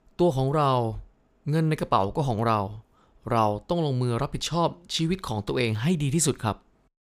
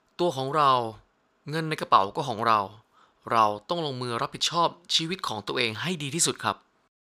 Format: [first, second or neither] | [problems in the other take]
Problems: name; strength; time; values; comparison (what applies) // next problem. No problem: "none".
first | thin; somewhat; fading below 700 Hz